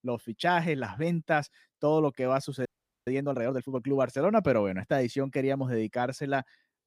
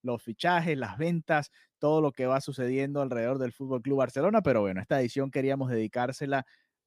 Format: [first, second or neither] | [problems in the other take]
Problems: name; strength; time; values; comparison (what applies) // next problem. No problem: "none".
second | audio freezing; at 2.5 s